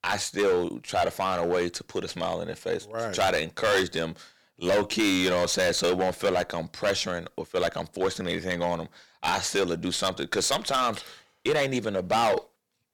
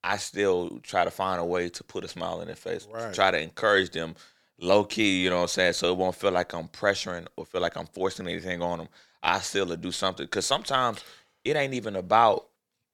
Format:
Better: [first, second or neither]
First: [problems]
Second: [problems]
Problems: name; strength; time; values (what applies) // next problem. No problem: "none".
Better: second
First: distortion; heavy; 7% of the sound clipped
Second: none